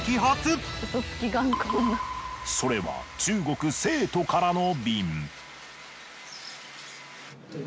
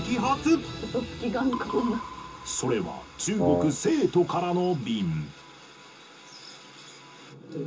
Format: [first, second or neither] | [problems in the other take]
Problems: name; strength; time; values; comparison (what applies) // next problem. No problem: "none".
first | background sound (Wind instrument, woodwind instrument); as loud as the speech // room echo; dies away in 0.2 s